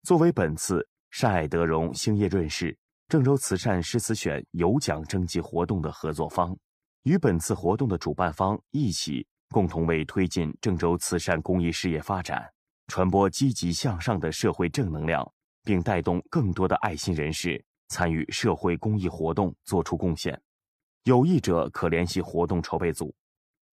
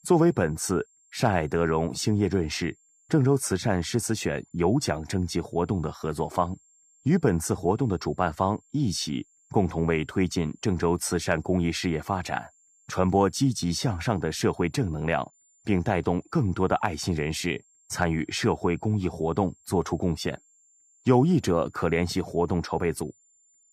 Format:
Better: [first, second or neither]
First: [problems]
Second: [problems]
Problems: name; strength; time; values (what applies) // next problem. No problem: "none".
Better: first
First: none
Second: high-pitched whine; faint; throughout; 7.5 kHz, 35 dB below the speech